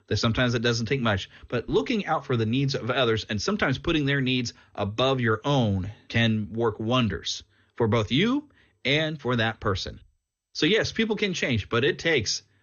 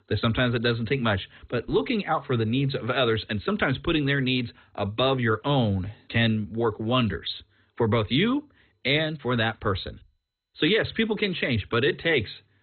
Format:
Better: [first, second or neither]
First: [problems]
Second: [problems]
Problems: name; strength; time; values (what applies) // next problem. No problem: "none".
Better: first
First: garbled, watery; slightly; nothing above 6.5 kHz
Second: garbled, watery; badly; nothing above 4 kHz